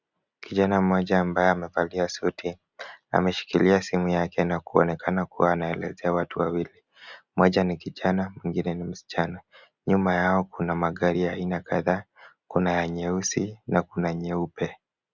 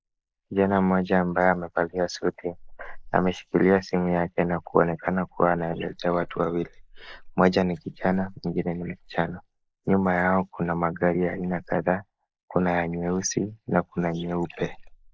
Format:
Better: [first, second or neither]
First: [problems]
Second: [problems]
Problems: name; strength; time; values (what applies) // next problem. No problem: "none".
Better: first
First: none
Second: noise reduction (neural mask model Resemble Enhance denoiser)